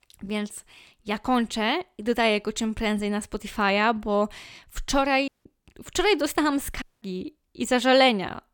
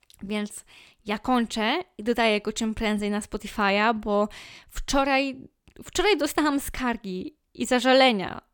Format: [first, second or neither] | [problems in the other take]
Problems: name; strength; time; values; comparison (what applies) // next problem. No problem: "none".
second | audio cutting out; at 5.5 s and at 7 s